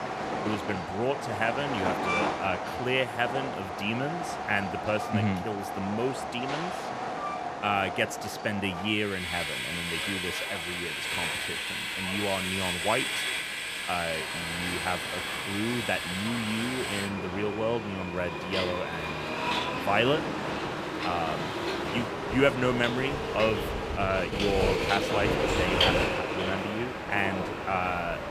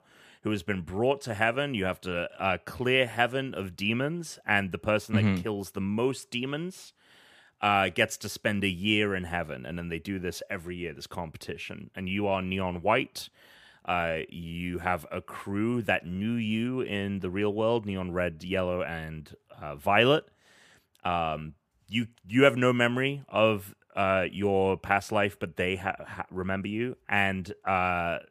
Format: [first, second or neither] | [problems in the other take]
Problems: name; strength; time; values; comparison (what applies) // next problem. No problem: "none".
second | train or aircraft noise; very loud; throughout; as loud as the speech